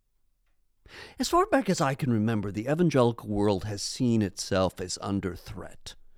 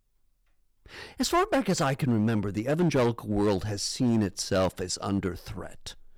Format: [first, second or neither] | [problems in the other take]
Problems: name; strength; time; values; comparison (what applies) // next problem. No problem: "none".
first | distortion; slight; 6% of the sound clipped